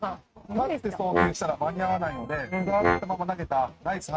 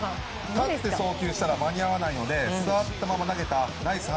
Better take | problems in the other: second | noise reduction (neural mask model RNNoise)

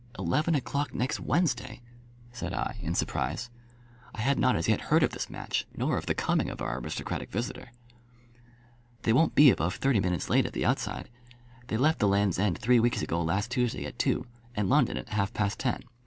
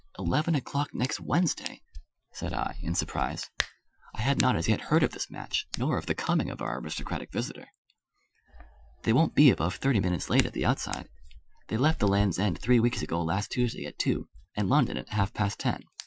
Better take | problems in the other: first | noise reduction (classical method Wiener filter)

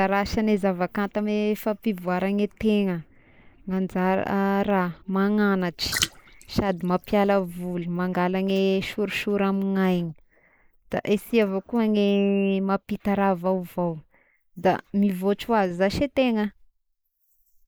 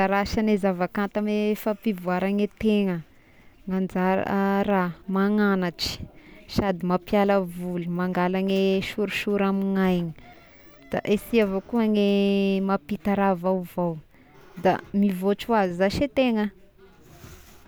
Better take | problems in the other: second | noise reduction (neural mask model Resemble Enhance denoiser)

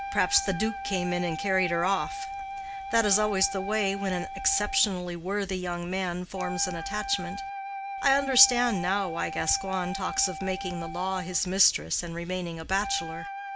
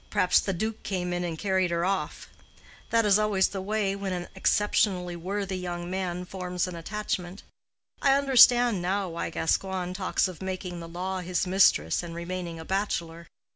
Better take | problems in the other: second | background sound (Wind instrument, woodwind instrument); 8 dB below the speech

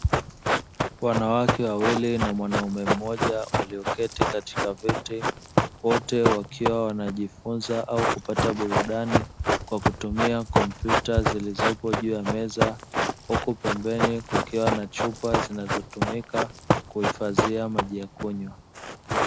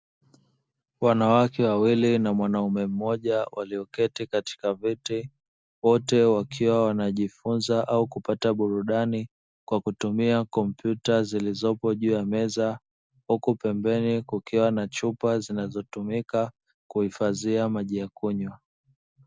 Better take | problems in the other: second | background sound (Run); 1 dB above the speech

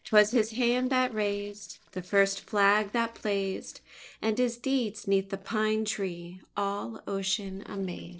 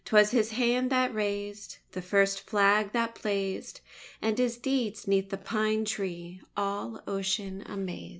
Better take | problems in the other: second | noise reduction (neural separator model SepFormer DNS4)

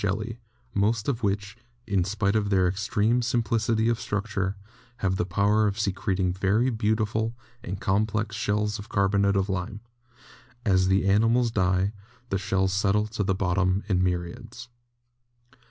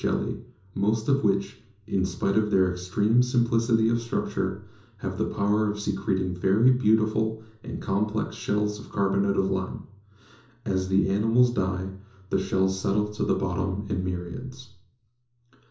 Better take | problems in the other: first | room echo; dies away in 0.6 s

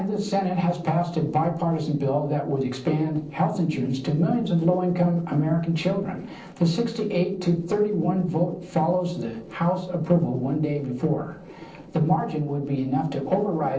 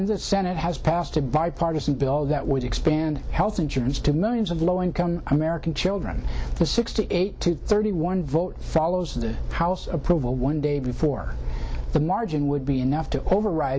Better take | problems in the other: second | noise reduction (neural separator model SepFormer DNS4)

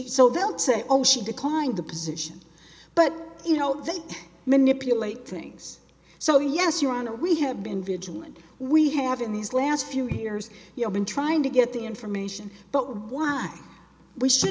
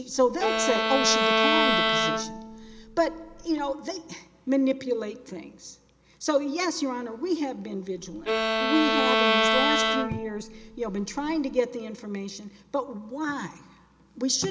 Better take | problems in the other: first | background sound (Bowed string instrument); 3 dB above the speech

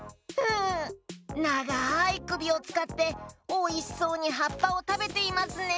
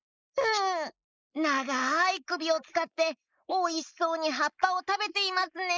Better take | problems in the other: first | noise reduction (neural mask model Resemble Enhance denoiser)

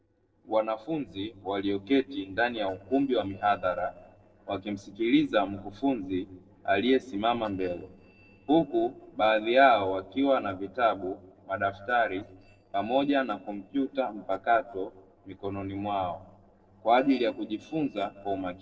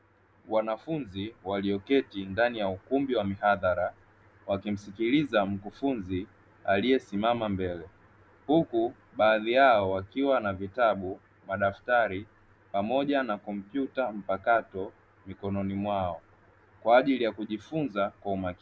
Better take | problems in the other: second | noise reduction (neural separator model SepFormer DNS4)

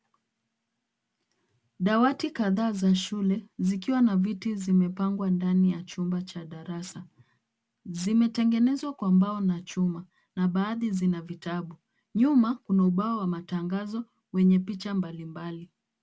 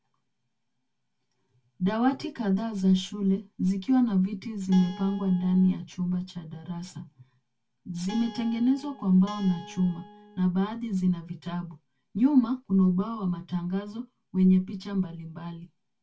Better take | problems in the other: first | background sound (Guitar); 17 dB below the speech // room echo; dies away in 0.1 s

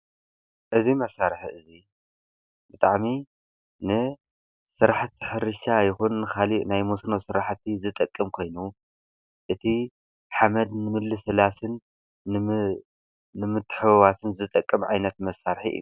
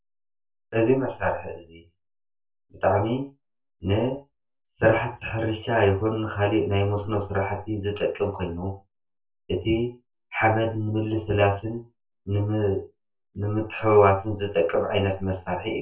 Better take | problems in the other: first | room echo; dies away in 0.2 s

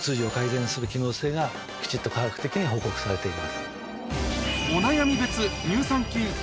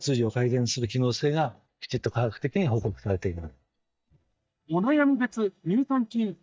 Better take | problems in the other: first | noise reduction (neural mask model DeepFilterNet 3)

